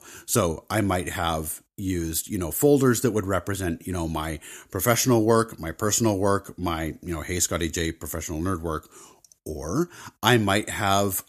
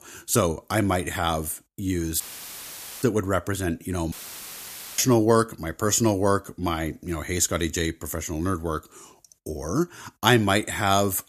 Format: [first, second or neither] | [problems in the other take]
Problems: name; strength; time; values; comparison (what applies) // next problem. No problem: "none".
first | audio cutting out; filled with static; at 2 s for 1 s and at 4 s for 1 s